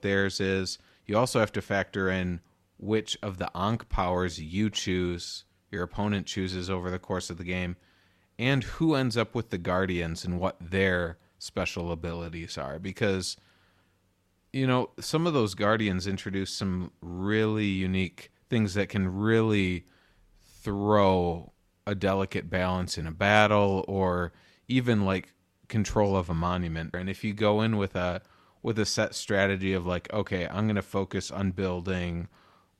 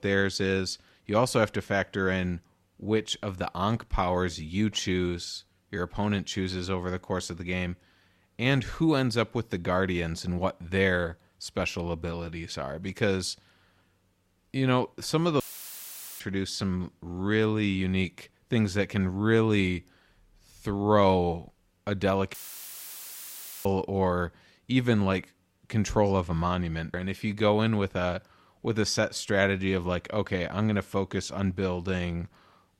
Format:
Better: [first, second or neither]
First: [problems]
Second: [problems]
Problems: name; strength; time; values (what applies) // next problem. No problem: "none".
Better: first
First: none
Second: audio cutting out; filled with static; at 15 s for 1 s and at 22 s for 1.5 s